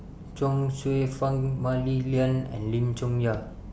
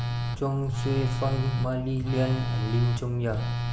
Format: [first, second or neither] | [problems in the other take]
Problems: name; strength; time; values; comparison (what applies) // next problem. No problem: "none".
first | background sound (Telephone); 1 dB below the speech